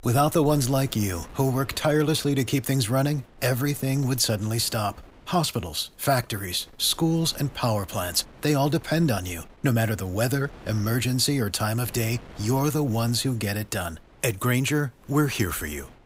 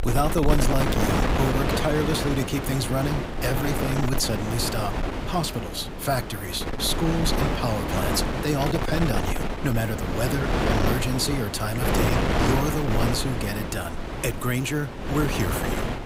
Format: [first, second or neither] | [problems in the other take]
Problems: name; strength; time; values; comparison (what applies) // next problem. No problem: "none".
first | wind noise on the microphone; heavy; as loud as the speech; occasional gusts in the first